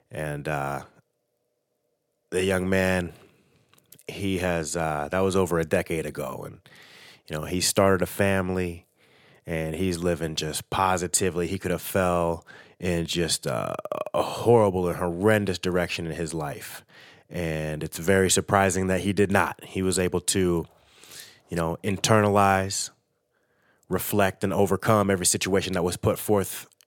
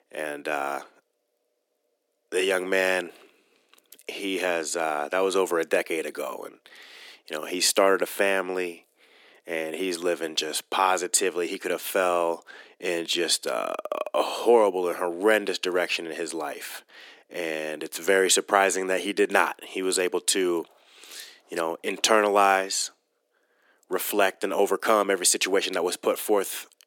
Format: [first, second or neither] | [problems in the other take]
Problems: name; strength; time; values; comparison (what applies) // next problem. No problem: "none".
first | thin; somewhat; fading below 250 Hz